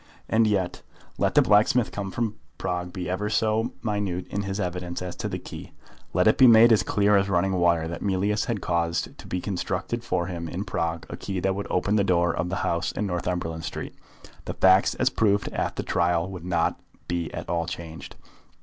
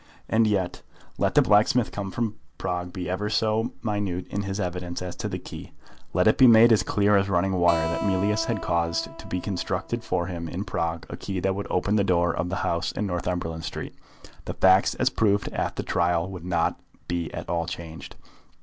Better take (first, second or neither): first